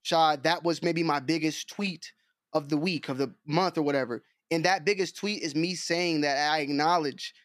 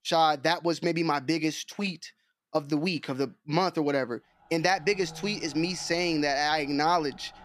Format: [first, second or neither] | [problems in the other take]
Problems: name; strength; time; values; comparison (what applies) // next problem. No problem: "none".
first | machinery noise; faint; from 4.5 s on; 20 dB below the speech